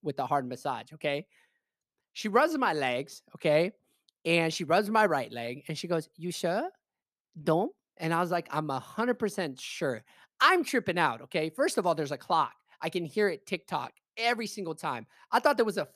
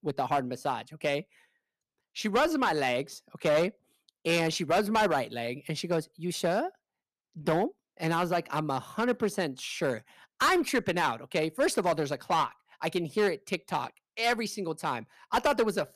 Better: first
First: none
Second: distortion; slight; 5% of the sound clipped

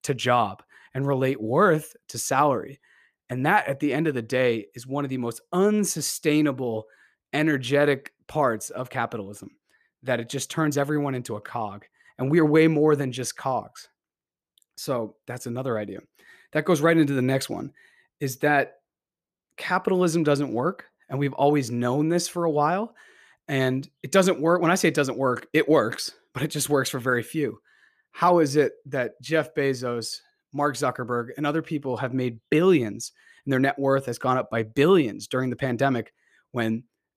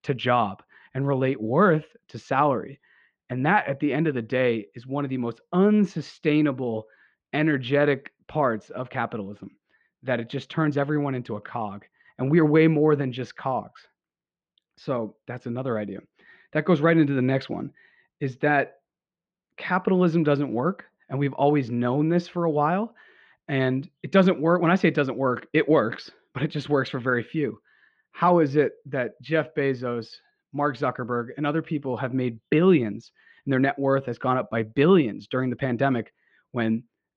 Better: first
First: none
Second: muffled; slightly; fading above 3.5 kHz

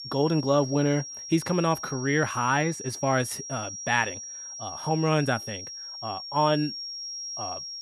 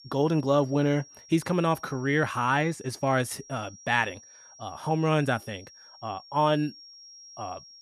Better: second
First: high-pitched whine; loud; throughout; 5.5 kHz, 9 dB below the speech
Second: high-pitched whine; faint; throughout; 5.5 kHz, 20 dB below the speech

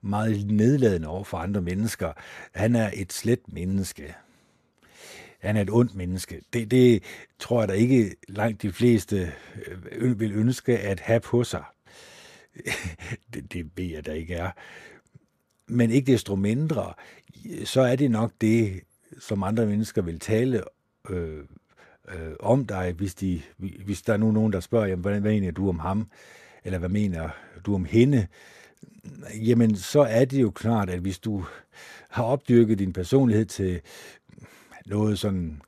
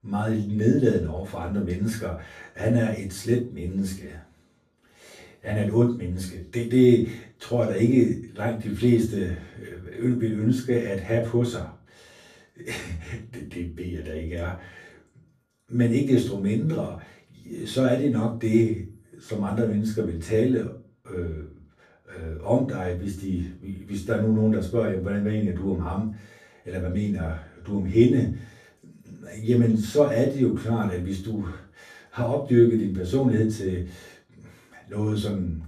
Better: first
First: none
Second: off-mic speech; far // room echo; slight; dies away in 0.3 s

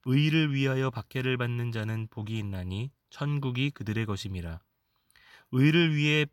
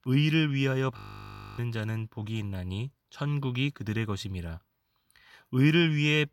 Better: first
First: none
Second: audio freezing; at 1 s for 0.5 s

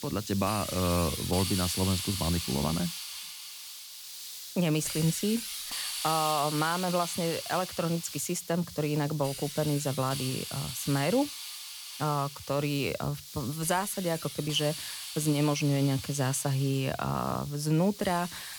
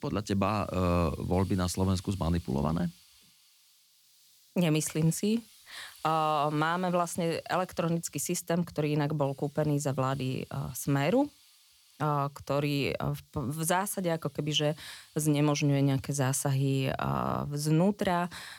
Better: second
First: hiss; loud; throughout; 7 dB below the speech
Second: hiss; faint; throughout; 25 dB below the speech

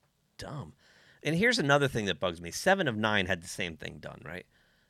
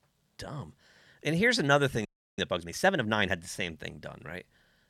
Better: first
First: none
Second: audio freezing; at 2 s

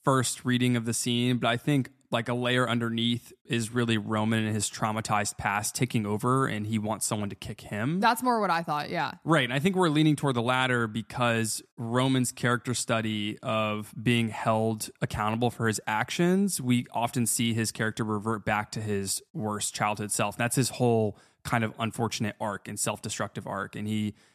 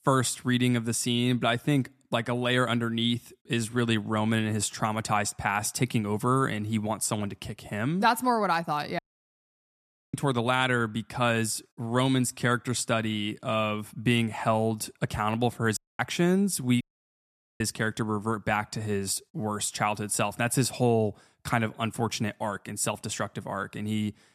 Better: first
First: none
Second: audio cutting out; at 9 s for 1 s, at 16 s and at 17 s for 1 s

